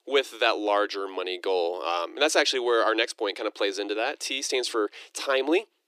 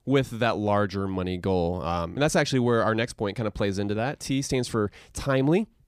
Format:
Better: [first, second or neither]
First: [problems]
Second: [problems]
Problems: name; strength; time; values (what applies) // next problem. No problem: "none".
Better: second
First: thin; very; fading below 300 Hz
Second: none